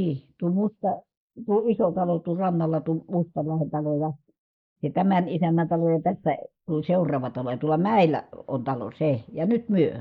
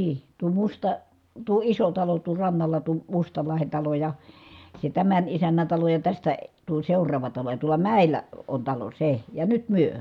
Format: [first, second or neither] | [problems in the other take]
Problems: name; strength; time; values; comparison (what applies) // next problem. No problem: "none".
second | noise reduction (neural mask model Resemble Enhance denoiser)